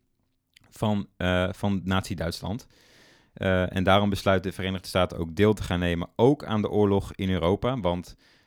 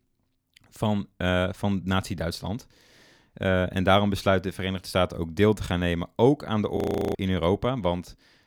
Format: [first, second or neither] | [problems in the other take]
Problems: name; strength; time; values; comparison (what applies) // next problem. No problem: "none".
first | audio freezing; at 7 s